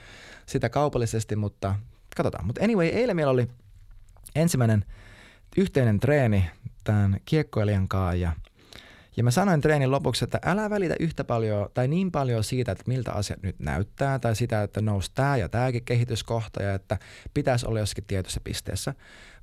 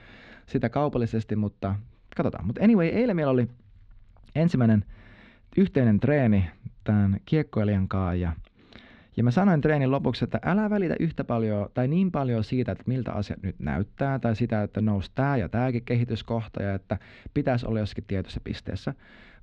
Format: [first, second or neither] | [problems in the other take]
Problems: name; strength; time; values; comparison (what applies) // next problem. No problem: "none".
first | muffled; slightly; fading above 3.5 kHz